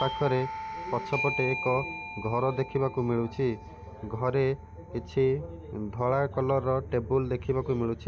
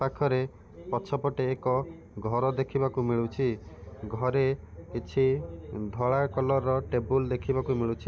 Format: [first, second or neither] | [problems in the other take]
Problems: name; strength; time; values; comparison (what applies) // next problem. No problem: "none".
second | background sound (Doorbell); 11 dB below the speech